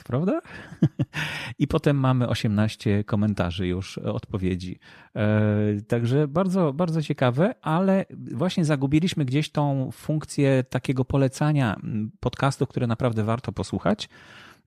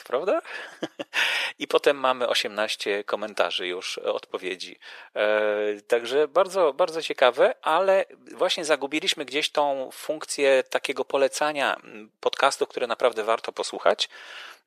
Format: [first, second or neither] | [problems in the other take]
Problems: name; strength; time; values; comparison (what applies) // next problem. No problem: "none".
first | thin; very; fading below 450 Hz